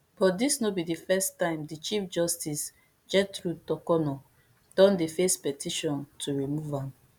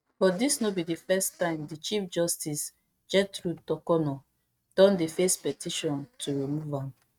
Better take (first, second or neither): first